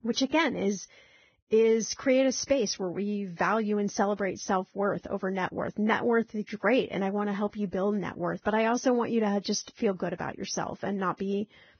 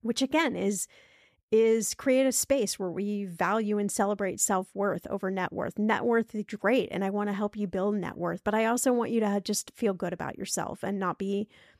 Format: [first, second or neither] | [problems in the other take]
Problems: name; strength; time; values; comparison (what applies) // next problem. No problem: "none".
second | garbled, watery; badly; nothing above 6.5 kHz